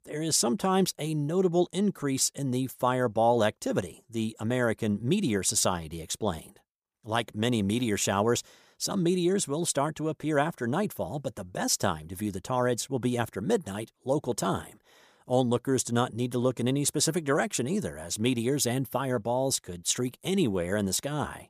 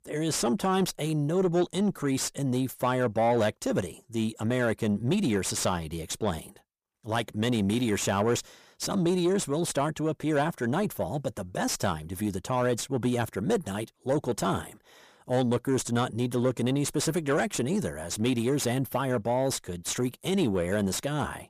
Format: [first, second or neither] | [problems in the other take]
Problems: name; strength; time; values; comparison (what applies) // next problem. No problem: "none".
first | distortion; slight; 10 dB below the speech